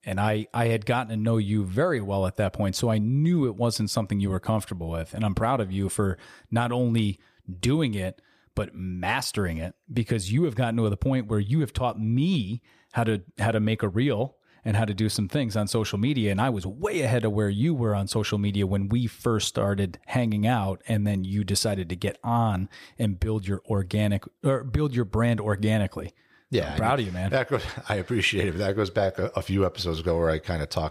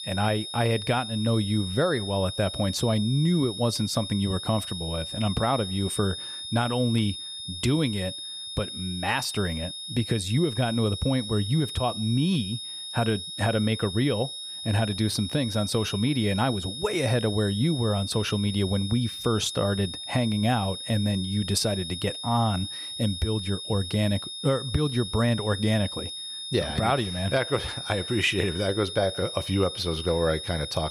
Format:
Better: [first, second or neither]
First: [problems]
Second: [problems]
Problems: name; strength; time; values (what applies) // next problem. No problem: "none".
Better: first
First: none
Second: high-pitched whine; loud; throughout; 3.5 kHz, 7 dB below the speech